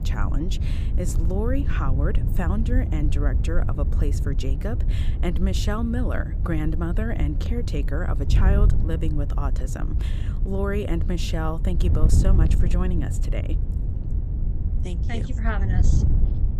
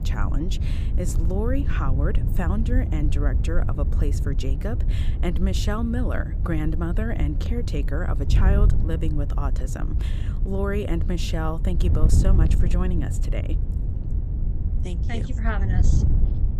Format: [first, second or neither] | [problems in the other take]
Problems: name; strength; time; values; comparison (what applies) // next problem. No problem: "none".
neither | wind noise on the microphone; heavy; 7 dB below the speech; the same in both